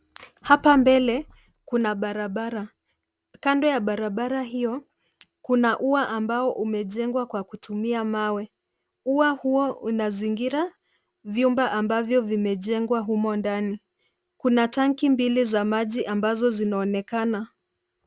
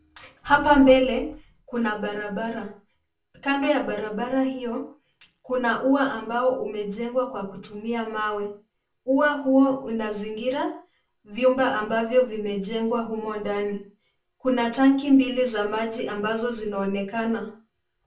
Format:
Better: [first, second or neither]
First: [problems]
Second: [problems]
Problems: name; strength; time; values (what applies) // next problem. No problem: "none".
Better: first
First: none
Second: room echo; dies away in 0.3 s